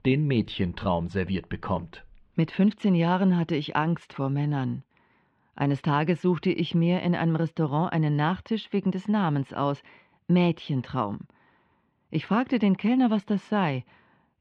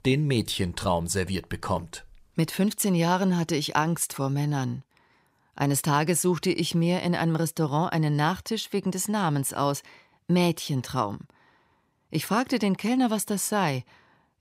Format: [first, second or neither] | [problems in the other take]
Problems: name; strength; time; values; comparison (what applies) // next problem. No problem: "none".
second | muffled; very; fading above 3 kHz